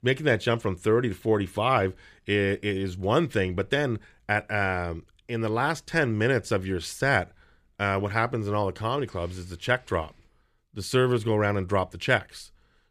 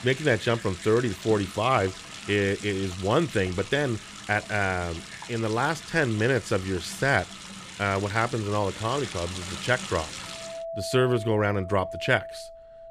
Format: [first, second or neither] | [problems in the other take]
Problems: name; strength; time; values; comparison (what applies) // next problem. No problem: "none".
first | household noises; noticeable; throughout; 10 dB below the speech